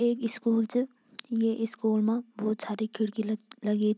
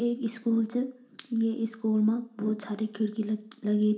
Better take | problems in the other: first | room echo; dies away in 0.4 s

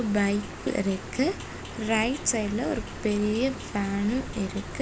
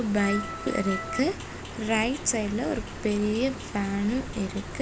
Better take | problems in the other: first | background sound (Organ); 7 dB below the speech

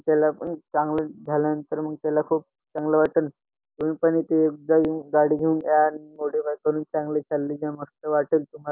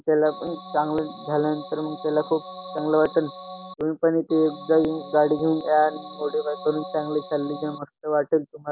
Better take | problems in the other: first | background sound (Organ); 15 dB below the speech

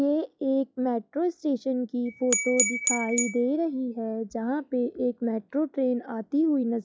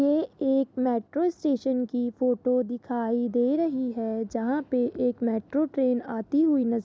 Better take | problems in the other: second | noise reduction (classical method log-MMSE)

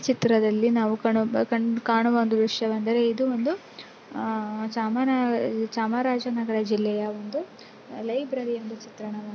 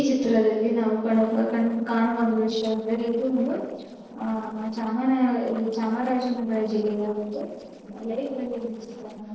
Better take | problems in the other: first | noise reduction (neural separator model SepFormer DNS4)

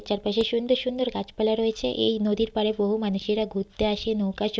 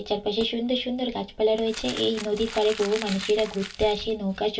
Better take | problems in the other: first | background sound (Crumpling, crinkling); 13 dB below the speech // room echo; dies away in 0.2 s

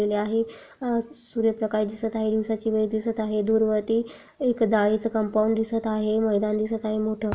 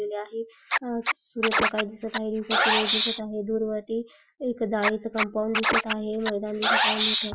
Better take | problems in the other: first | noise reduction (classical method Wiener filter)

